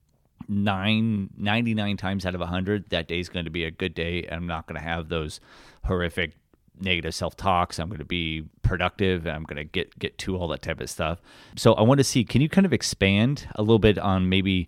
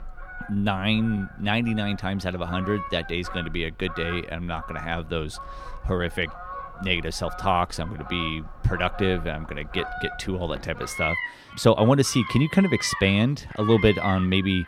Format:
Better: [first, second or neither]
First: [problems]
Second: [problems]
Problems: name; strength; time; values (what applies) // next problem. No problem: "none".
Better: first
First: none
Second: animal sounds; noticeable; throughout; 10 dB below the speech